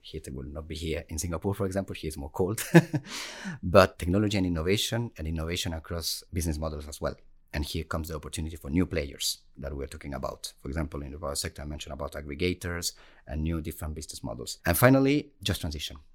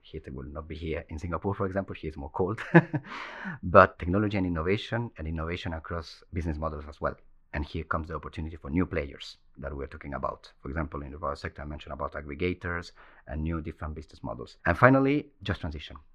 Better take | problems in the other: first | muffled; very; fading above 2 kHz

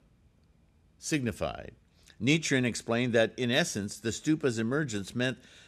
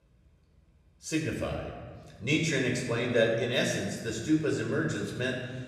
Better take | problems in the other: first | off-mic speech; somewhat distant // room echo; noticeable; dies away in 1.4 s

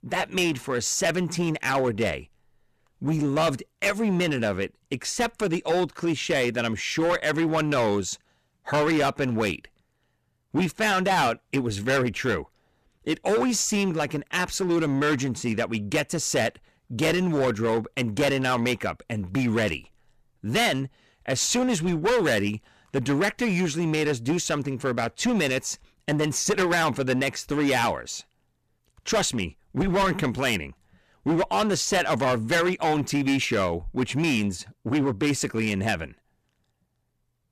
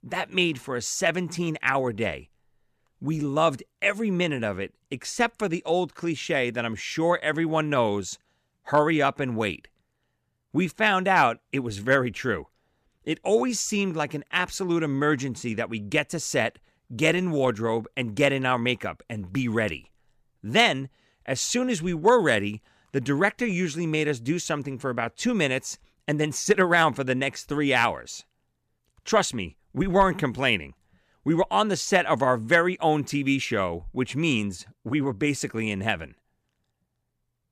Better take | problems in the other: second | distortion; heavy; 12% of the sound clipped

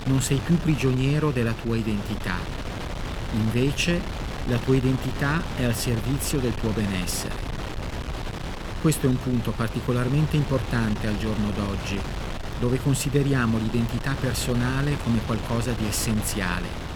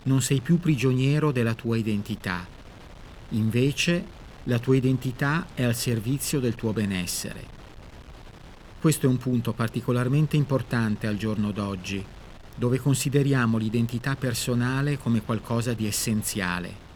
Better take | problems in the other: second | wind noise on the microphone; heavy; 6 dB below the speech; occasional gusts in the second

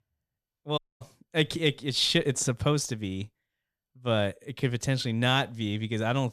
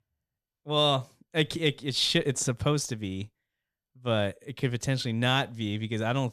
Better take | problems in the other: second | audio cutting out; at 1 s

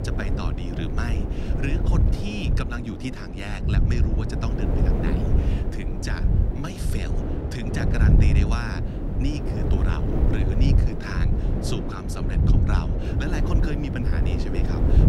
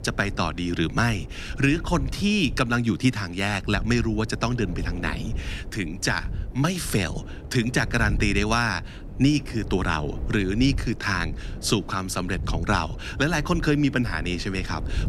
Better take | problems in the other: second | wind noise on the microphone; heavy; 1 dB above the speech; occasional gusts in the second

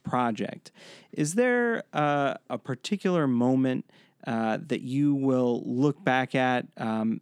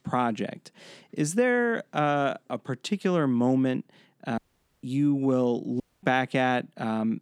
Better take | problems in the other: first | audio cutting out; at 4.5 s and at 6 s

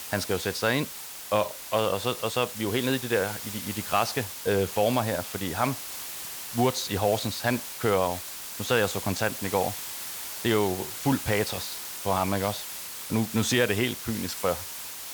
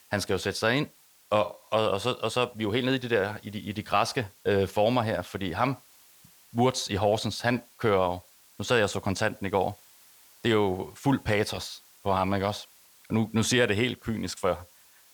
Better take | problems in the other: second | hiss; loud; throughout; 7 dB below the speech; faint in the second

